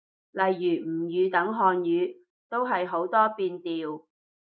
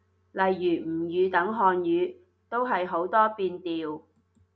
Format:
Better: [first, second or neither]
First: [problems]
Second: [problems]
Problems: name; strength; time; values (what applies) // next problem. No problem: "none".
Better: second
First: noise reduction (neural mask model Resemble Enhance denoiser)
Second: none